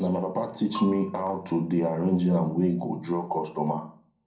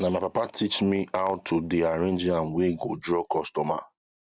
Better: second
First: background sound (Bell / Percussion); 19 dB below the speech // room echo; dies away in 0.6 s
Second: none

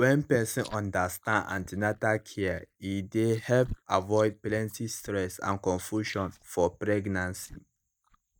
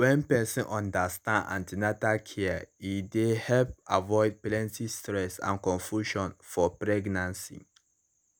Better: second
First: noise reduction (neural mask model DeepFilterNet 3)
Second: none

